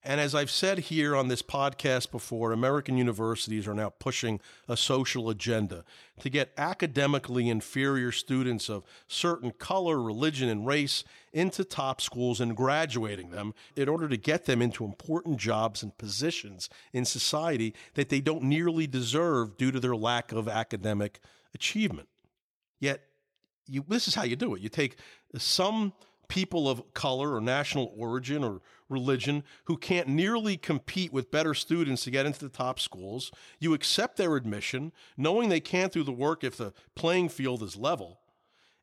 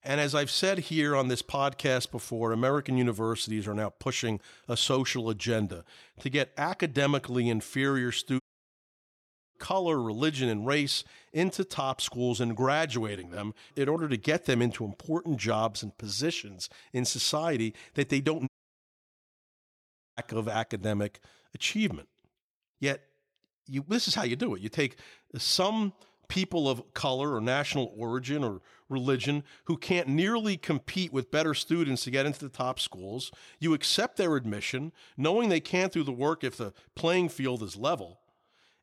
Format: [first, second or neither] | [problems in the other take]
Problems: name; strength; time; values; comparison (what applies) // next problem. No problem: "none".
first | audio cutting out; at 8.5 s for 1 s and at 18 s for 1.5 s